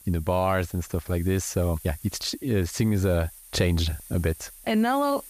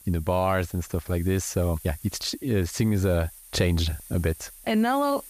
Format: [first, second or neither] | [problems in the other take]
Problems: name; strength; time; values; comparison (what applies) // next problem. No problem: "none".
neither | hiss; noticeable; throughout; 20 dB below the speech; the same in both